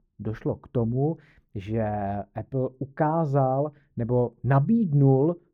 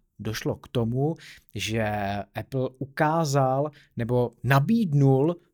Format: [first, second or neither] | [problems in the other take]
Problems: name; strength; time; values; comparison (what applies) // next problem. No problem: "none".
second | muffled; very; fading above 2.5 kHz